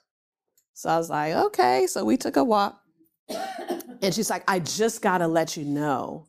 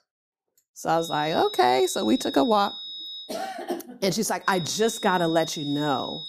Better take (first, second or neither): first